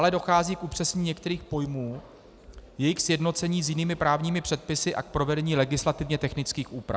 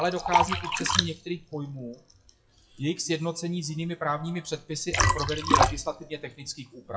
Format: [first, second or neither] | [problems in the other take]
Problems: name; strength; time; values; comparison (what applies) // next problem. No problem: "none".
first | noise reduction (classical method WPE with log-MMSE)